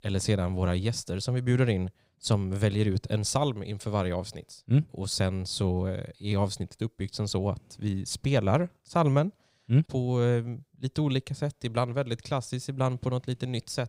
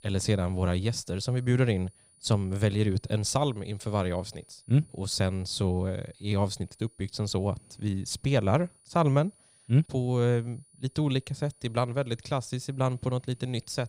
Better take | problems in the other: first | high-pitched whine; faint; throughout; 9.5 kHz, 30 dB below the speech

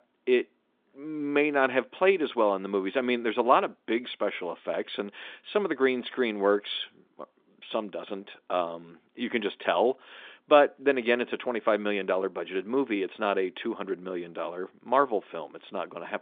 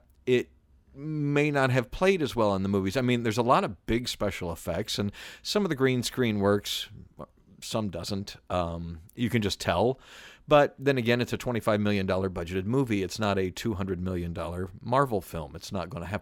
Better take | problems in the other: second | phone-call audio; nothing above 3.5 kHz

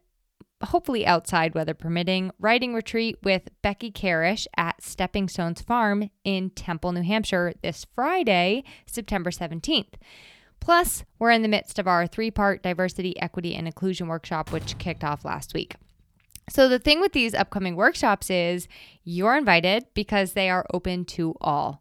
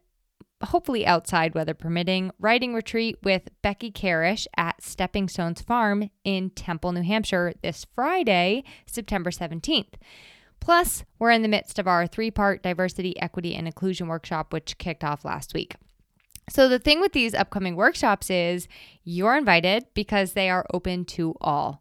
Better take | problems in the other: second | door banging; faint; from 14 to 16 s; peak 15 dB below the speech

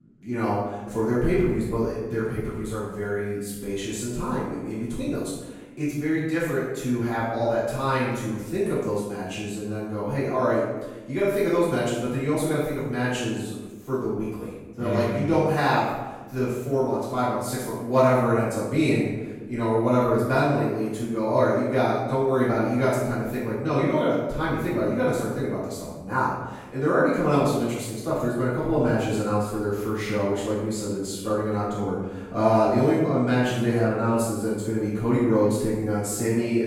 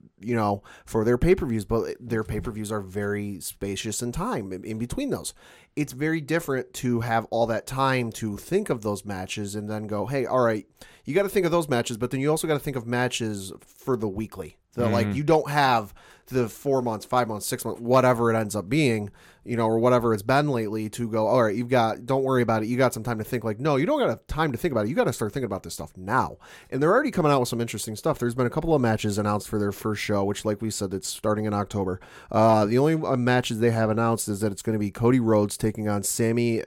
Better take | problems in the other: second | off-mic speech; far // room echo; strong; dies away in 1 s

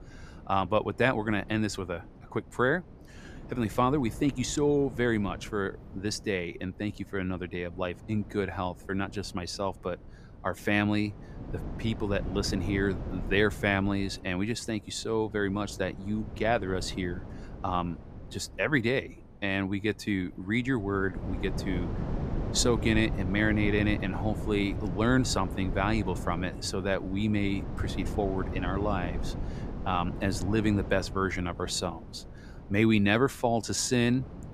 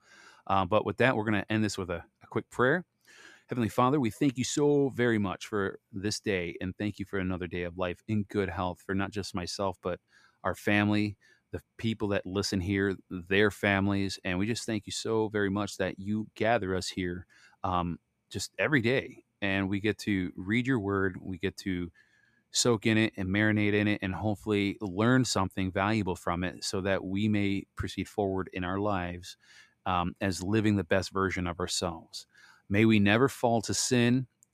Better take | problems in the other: second | wind noise on the microphone; occasional gusts; 15 dB below the speech

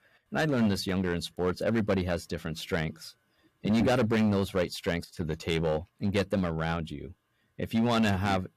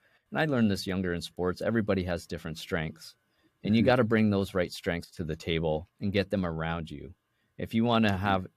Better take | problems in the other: second | distortion; slight; 7% of the sound clipped

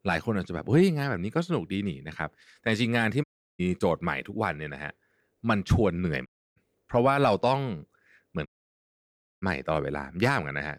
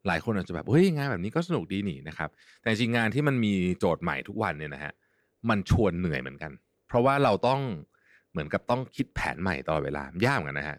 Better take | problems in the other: second | audio cutting out; at 3 s, at 6.5 s and at 8.5 s for 1 s

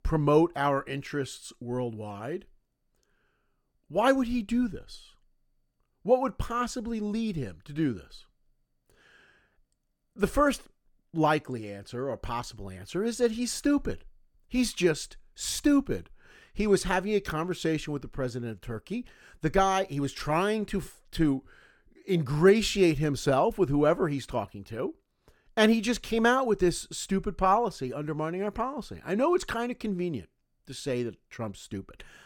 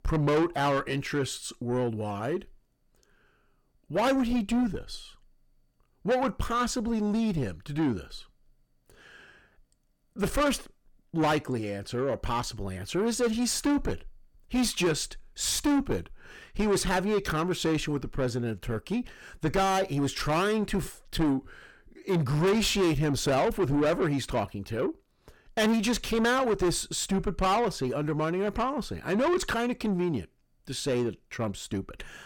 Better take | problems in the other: first | distortion; heavy; 7 dB below the speech

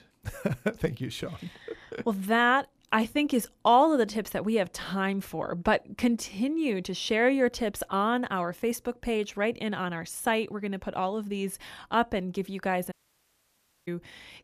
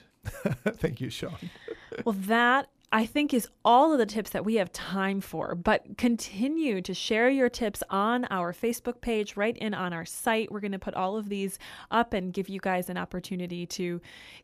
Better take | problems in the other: second | audio cutting out; at 13 s for 1 s

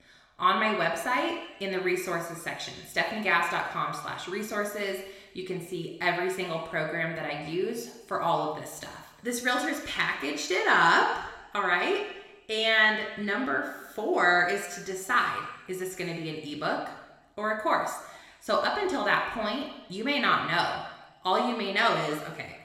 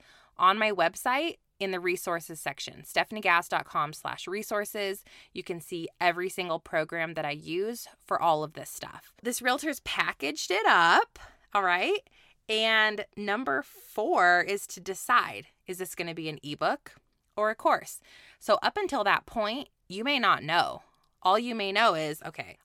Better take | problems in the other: second | room echo; noticeable; dies away in 1 s

